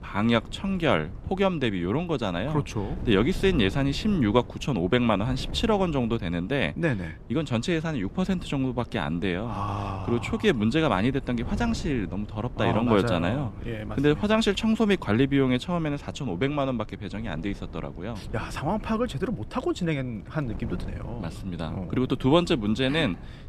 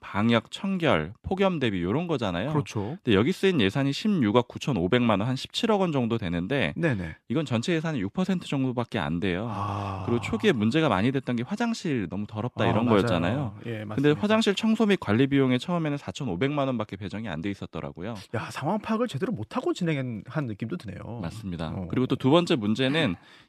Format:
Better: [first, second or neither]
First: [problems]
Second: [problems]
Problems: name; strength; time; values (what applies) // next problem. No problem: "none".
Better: second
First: wind noise on the microphone; occasional gusts; 20 dB below the speech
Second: none